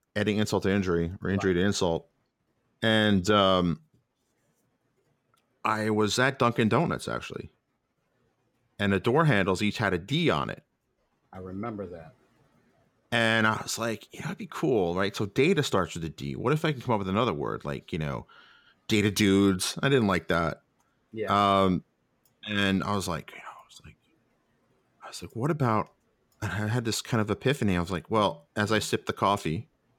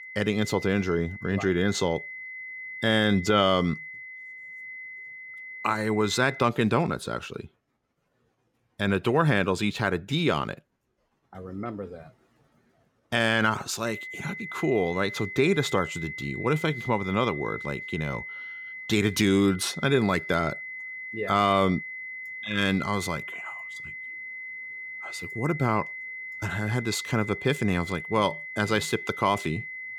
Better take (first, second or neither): first